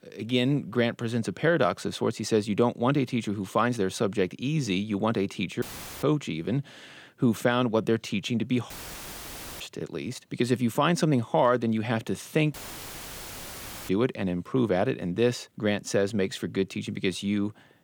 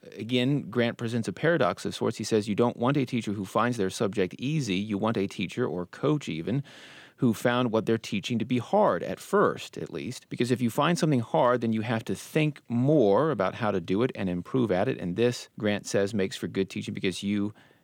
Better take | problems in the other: second | audio cutting out; filled with static; at 5.5 s, at 8.5 s for 1 s and at 13 s for 1.5 s

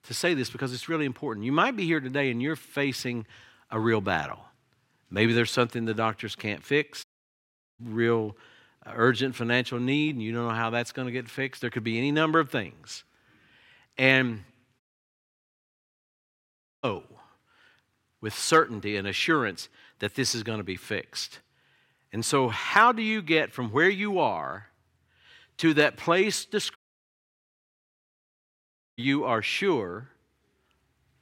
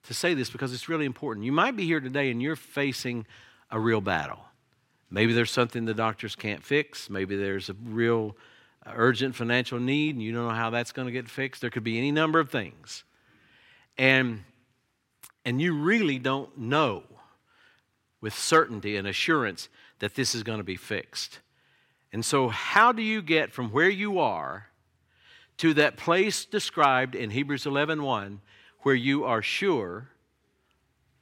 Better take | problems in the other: second | audio cutting out; at 7 s for 0.5 s, at 15 s for 2 s and at 27 s for 2 s

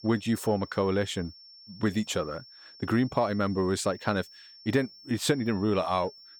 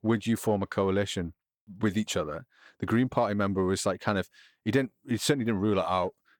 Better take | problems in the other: second | high-pitched whine; noticeable; throughout; 5.5 kHz, 20 dB below the speech

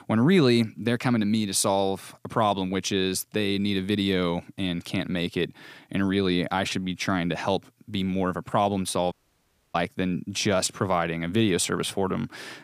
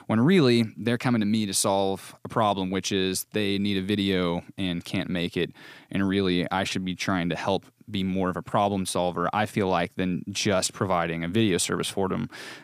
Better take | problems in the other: second | audio cutting out; at 9 s for 0.5 s

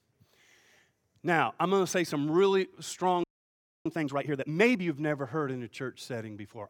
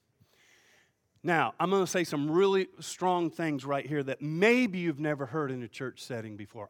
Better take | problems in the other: second | audio freezing; at 3 s for 0.5 s

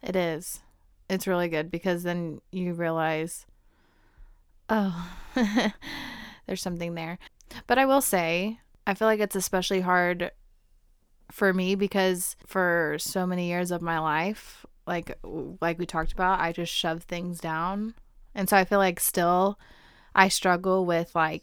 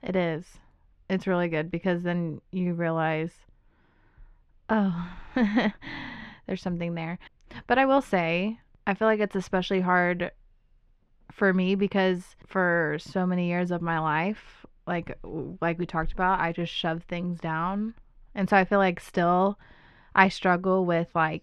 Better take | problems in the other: first | muffled; slightly; fading above 2.5 kHz

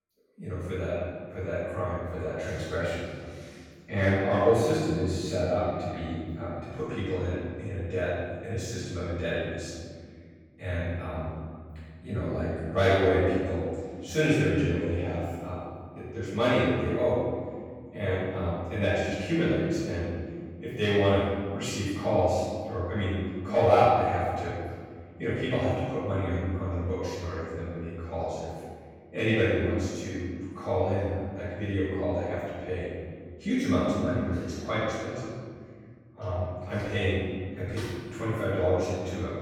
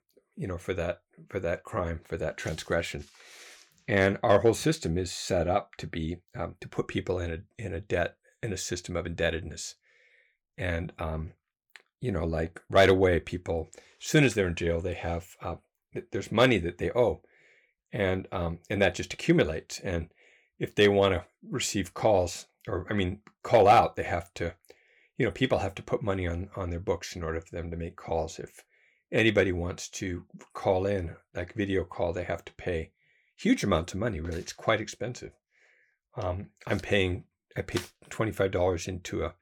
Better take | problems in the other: second | off-mic speech; far // room echo; strong; dies away in 2 s

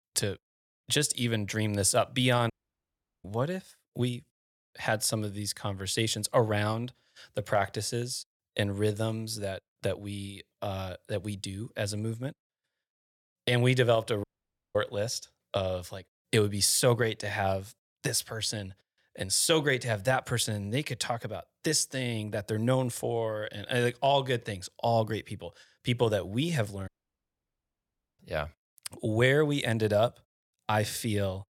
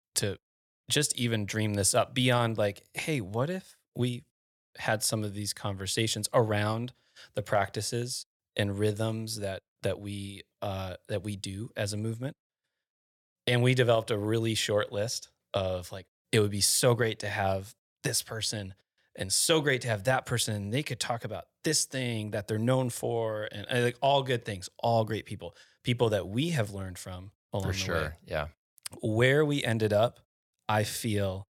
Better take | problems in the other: second | audio cutting out; at 2.5 s for 0.5 s, at 14 s for 0.5 s and at 27 s for 1.5 s

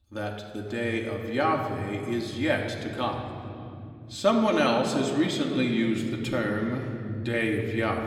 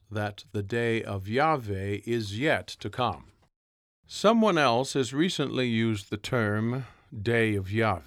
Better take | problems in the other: second | room echo; slight; dies away in 3 s // off-mic speech; somewhat distant

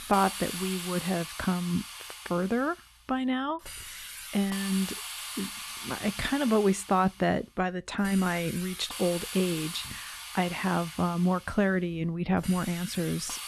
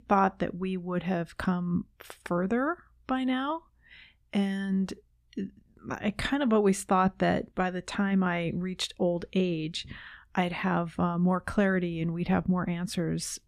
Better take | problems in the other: second | hiss; loud; throughout; 9 dB below the speech

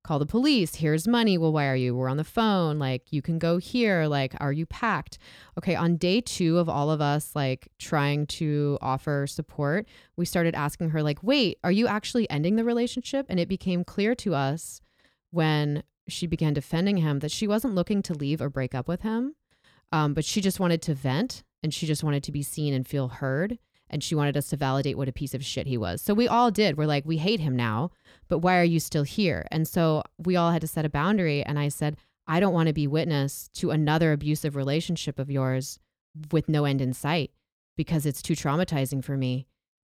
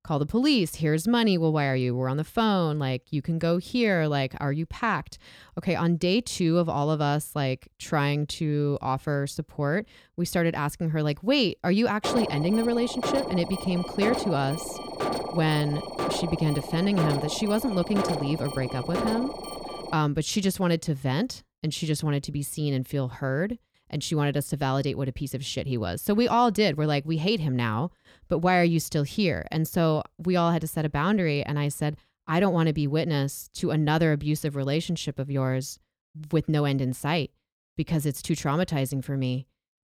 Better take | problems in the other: first | alarm; noticeable; from 12 to 20 s; peak 3 dB below the speech

